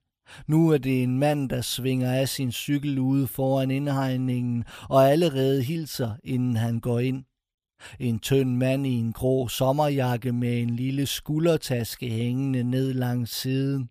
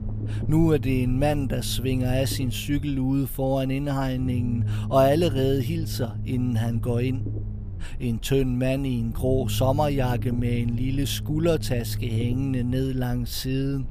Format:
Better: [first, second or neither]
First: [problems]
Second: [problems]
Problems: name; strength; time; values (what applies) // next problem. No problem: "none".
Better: first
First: none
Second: low rumble; noticeable; throughout; 15 dB below the speech